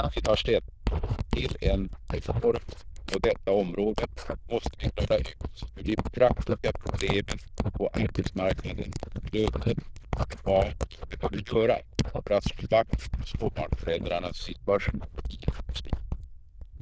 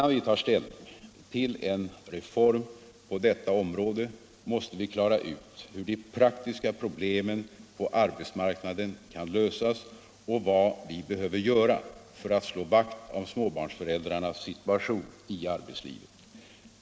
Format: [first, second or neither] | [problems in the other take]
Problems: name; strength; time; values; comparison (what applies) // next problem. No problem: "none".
second | noise reduction (neural diffusion model UNIVERSE++)